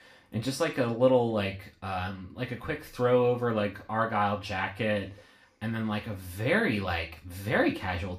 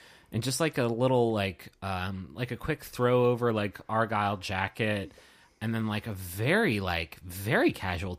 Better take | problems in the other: second | room echo; slight; dies away in 0.3 s // off-mic speech; far

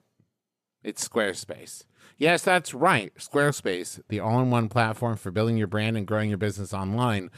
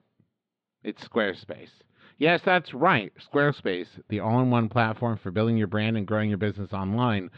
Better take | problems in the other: first | muffled; slightly; fading above 4 kHz

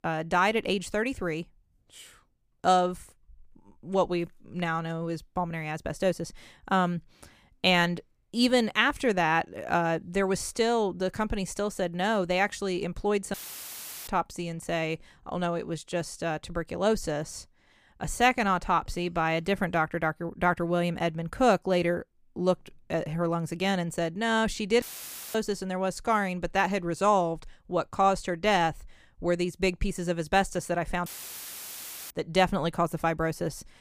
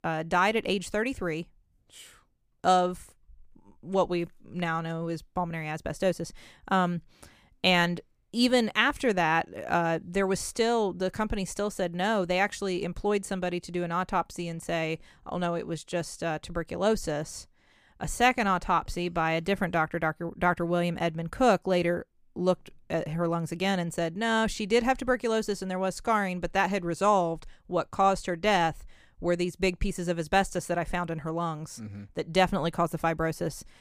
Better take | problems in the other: second | audio cutting out; filled with static; at 13 s for 0.5 s, at 25 s for 0.5 s and at 31 s for 1 s

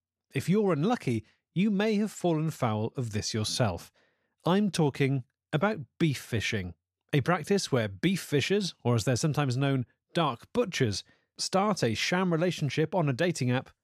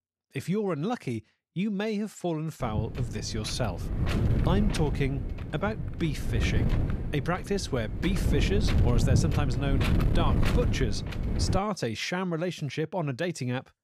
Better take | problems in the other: first | wind noise on the microphone; heavy; from 2.5 to 12 s; 5 dB below the speech

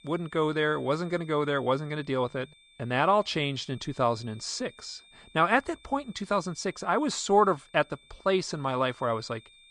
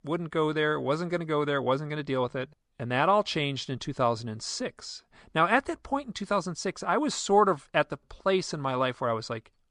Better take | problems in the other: second | high-pitched whine; faint; throughout; 3.5 kHz, 25 dB below the speech

